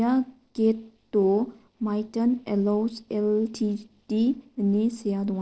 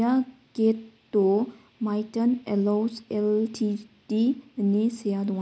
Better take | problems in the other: second | noise reduction (neural separator model SepFormer DNS4)

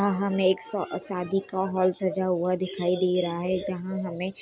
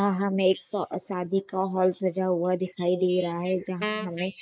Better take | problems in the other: first | noise reduction (neural mask model Resemble Enhance denoiser)

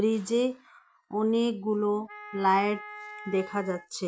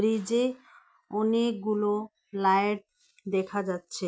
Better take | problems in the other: second | background sound (Wind instrument, woodwind instrument); 15 dB below the speech

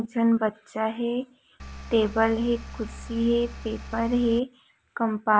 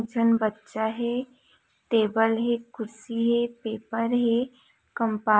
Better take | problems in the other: second | background sound (Engine); 13 dB below the speech

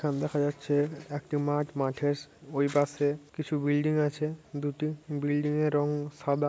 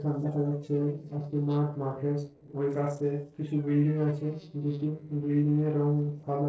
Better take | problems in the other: first | noise reduction (neural separator model SepFormer DNS4)

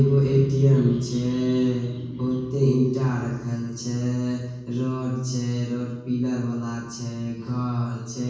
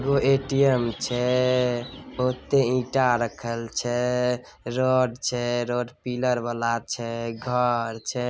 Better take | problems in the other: second | room echo; dies away in 1.2 s

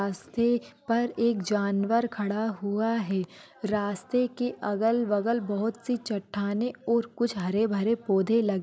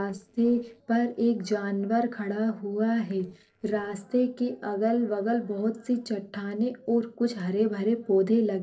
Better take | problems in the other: first | noise reduction (neural separator model SepFormer DNS4)

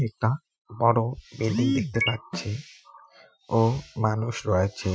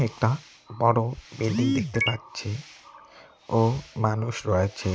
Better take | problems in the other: second | noise reduction (classical method Wiener filter)

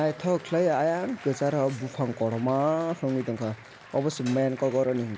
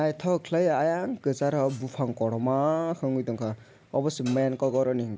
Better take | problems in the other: second | background sound (Applause); 20 dB below the speech

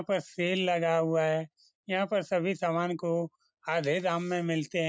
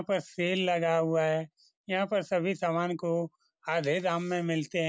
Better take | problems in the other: second | noise reduction (neural mask model Resemble Enhance denoiser)

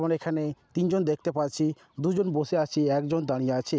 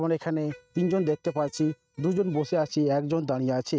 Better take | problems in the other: first | noise reduction (neural mask model RNNoise)

